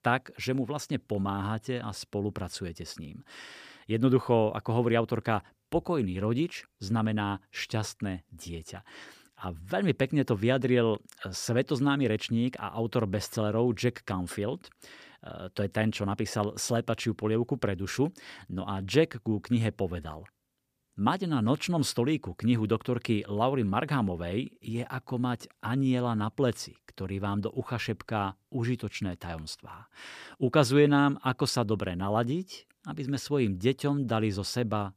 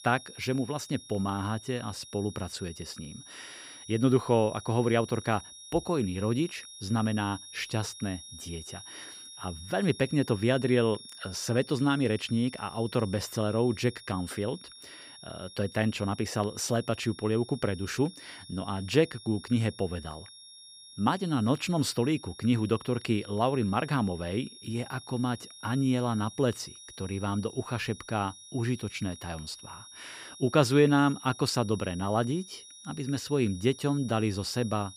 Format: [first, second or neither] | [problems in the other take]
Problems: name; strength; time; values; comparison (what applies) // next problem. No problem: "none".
first | high-pitched whine; noticeable; throughout; 3.5 kHz, 15 dB below the speech